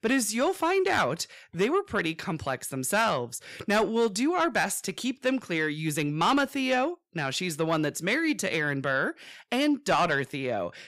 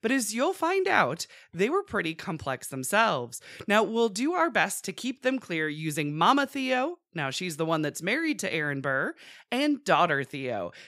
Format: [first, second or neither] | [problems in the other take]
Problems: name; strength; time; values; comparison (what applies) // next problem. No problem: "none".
second | distortion; slight; 10 dB below the speech